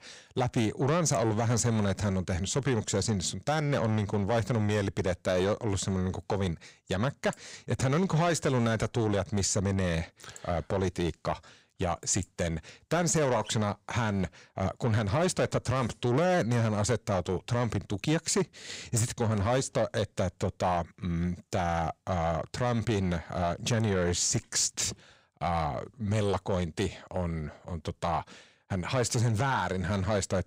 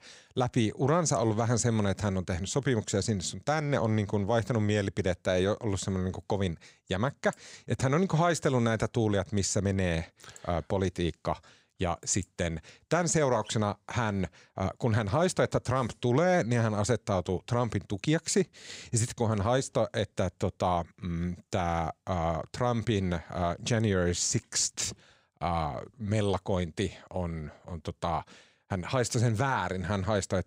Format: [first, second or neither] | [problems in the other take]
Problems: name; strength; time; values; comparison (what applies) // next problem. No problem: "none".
second | distortion; slight; 10 dB below the speech